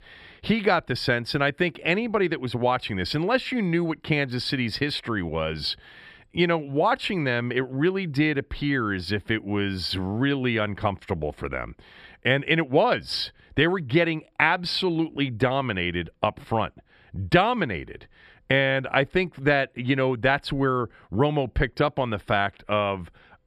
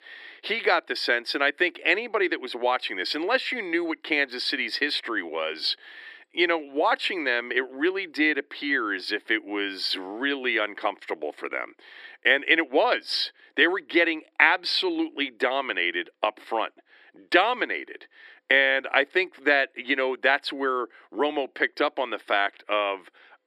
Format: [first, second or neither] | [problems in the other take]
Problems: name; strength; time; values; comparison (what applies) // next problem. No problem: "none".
first | thin; somewhat; fading below 300 Hz